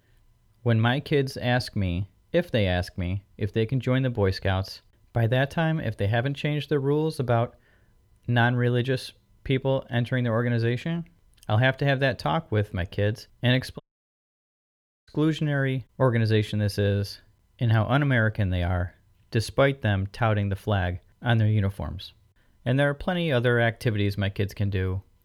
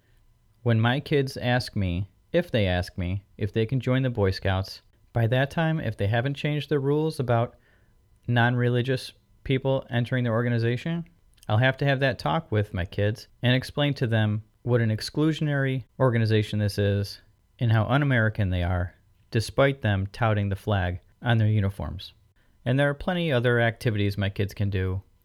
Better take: second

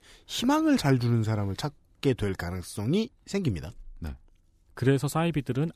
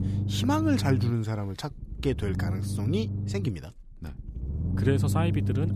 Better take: first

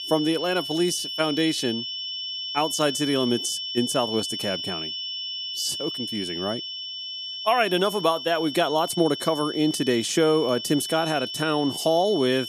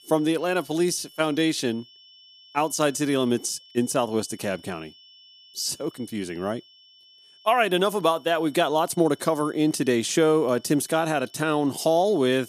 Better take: second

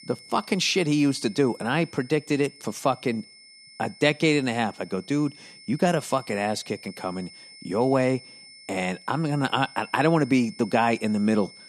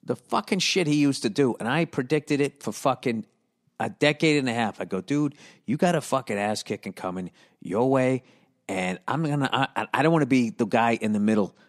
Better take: second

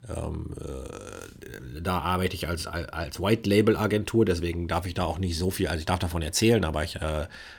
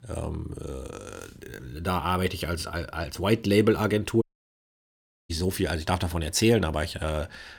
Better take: first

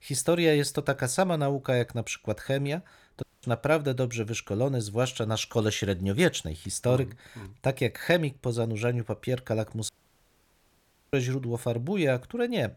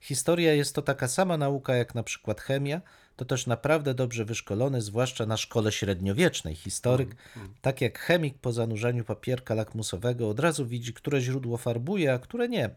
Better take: second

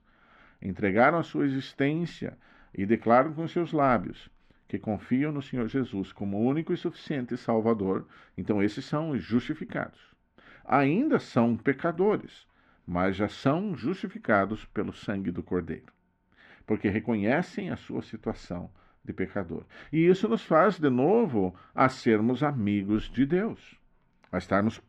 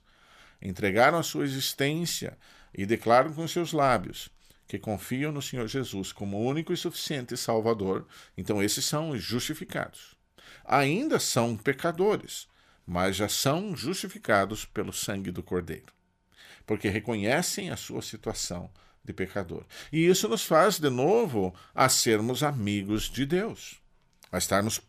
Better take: second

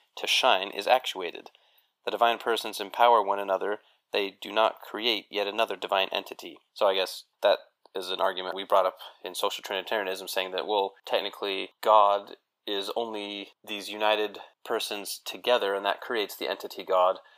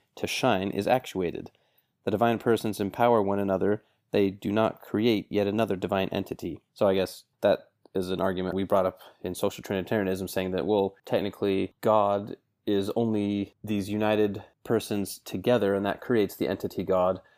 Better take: second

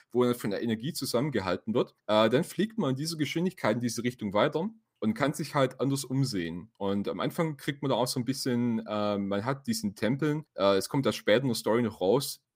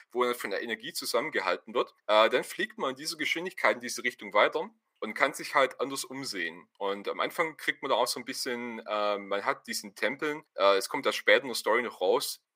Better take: first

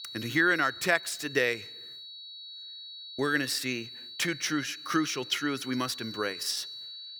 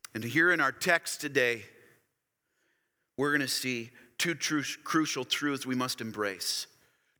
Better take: second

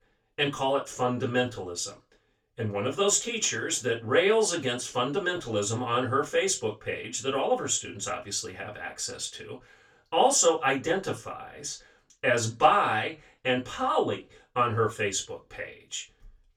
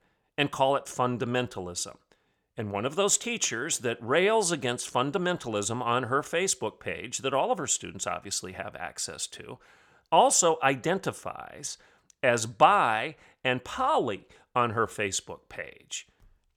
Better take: second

